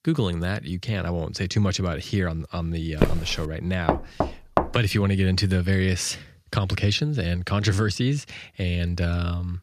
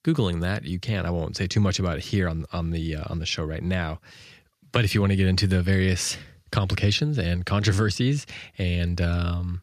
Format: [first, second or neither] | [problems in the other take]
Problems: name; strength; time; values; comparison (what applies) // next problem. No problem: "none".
second | footsteps; noticeable; at 3 s; peak level with the speech // door banging; noticeable; at 4 s; peak level with the speech